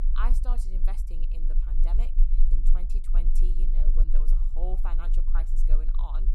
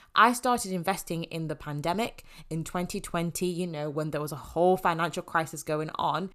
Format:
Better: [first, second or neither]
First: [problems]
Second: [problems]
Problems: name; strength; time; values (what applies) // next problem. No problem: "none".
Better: second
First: low rumble; loud; throughout; 9 dB below the speech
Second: none